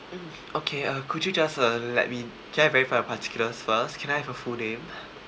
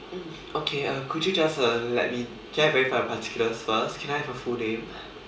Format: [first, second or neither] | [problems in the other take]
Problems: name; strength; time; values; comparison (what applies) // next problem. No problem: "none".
first | room echo; dies away in 0.5 s